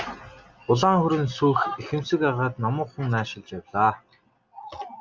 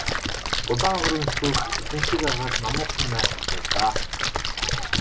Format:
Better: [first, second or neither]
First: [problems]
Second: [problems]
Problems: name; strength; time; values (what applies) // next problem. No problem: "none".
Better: first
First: none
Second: background sound (Splash, splatter); 3 dB above the speech // room echo; dies away in 0.2 s